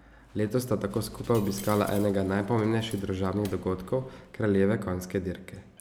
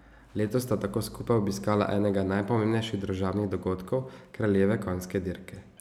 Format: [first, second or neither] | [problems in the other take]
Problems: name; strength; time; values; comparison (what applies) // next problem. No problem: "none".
second | background sound (Coin (dropping)); 19 dB below the speech